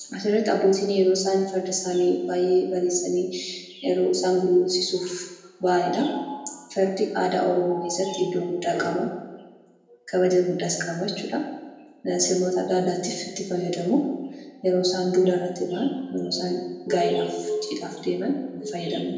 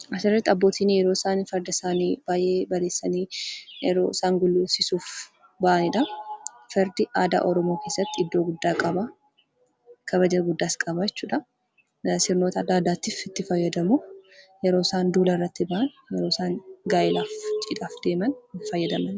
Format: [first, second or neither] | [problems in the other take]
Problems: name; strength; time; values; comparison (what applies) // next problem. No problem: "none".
second | room echo; dies away in 1 s